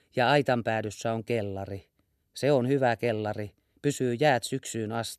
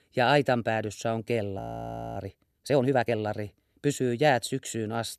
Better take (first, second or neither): first